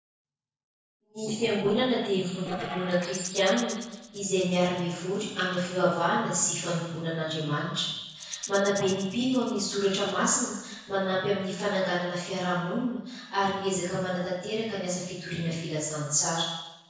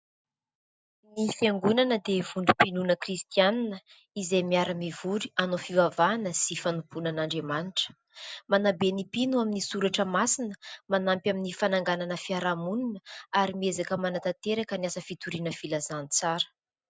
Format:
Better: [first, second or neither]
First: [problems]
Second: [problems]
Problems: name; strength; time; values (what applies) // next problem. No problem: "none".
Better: second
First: noise reduction (neural separator model SepFormer DNS4)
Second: none